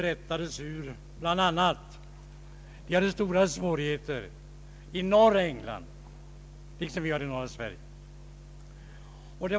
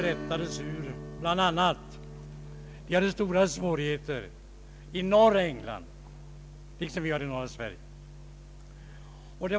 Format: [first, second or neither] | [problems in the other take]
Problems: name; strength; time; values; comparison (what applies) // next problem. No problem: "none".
first | background sound (Strum); 16 dB below the speech